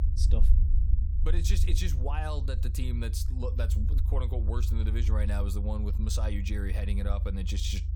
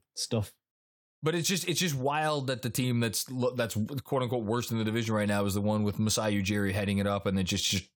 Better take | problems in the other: second | low rumble; loud; throughout; 8 dB below the speech

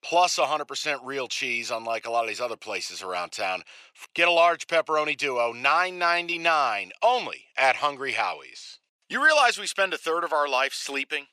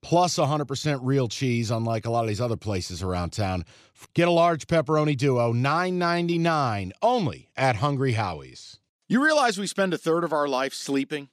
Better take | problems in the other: second | thin; very; fading below 700 Hz

